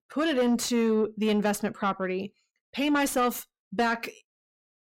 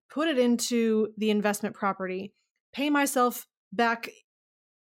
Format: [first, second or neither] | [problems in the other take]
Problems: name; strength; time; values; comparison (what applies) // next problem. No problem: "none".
second | distortion; slight; 10 dB below the speech